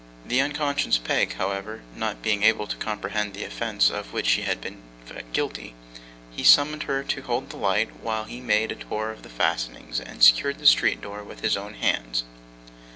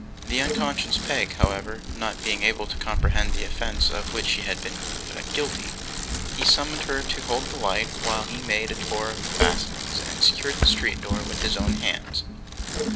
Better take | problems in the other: first | background sound (Bicycle); as loud as the speech

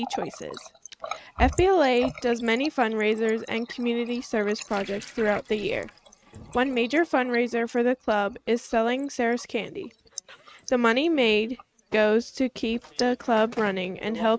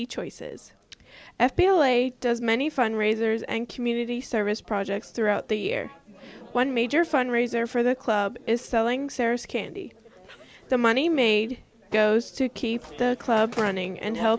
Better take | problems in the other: second | noise reduction (neural mask model RNNoise)

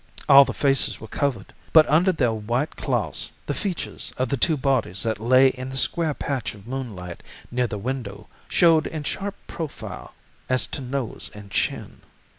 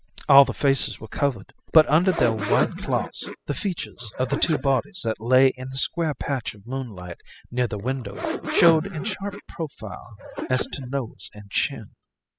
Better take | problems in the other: first | noise reduction (classical method spectral subtraction)

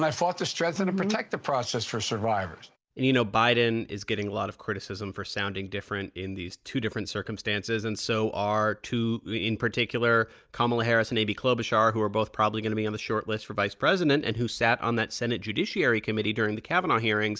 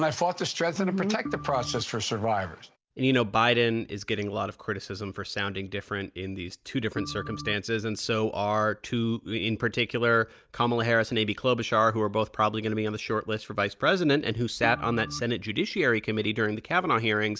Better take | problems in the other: first | background sound (Organ); 12 dB below the speech

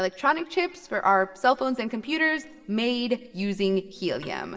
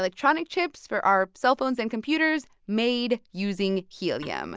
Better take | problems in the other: second | room echo; dies away in 2.5 s

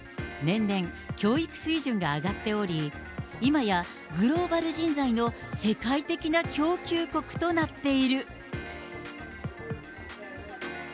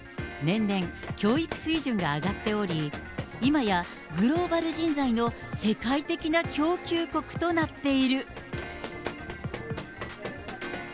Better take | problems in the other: first | background sound (Run); 15 dB below the speech

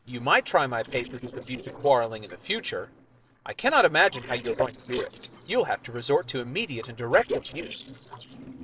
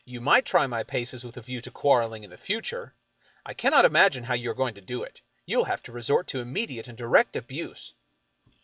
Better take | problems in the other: second | noise reduction (neural separator model SepFormer DNS4)

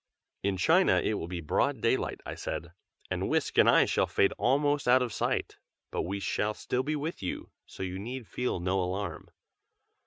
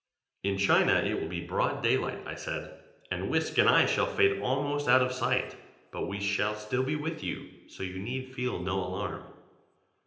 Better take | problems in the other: first | room echo; dies away in 0.8 s

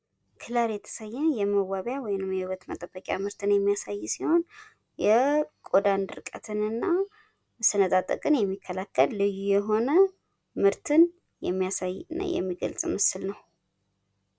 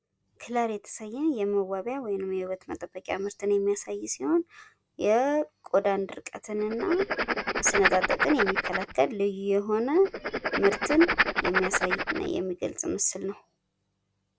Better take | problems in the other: first | background sound (Writing); 1 dB below the speech

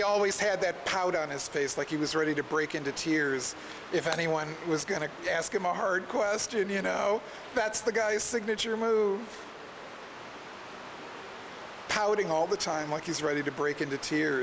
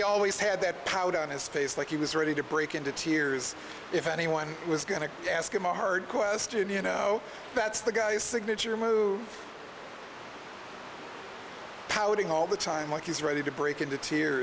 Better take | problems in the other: second | background sound (Shatter); 14 dB below the speech

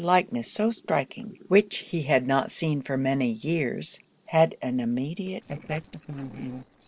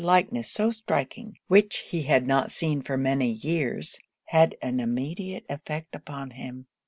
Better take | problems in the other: second | noise reduction (neural separator model SepFormer DNS4)

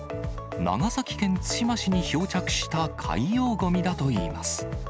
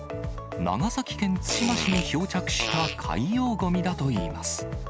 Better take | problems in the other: first | background sound (Fart); 6 dB below the speech

